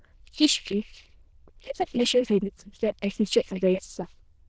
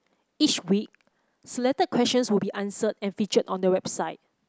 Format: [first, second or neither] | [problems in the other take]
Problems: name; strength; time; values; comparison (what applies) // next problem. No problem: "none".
second | noise reduction (neural diffusion model UNIVERSE++)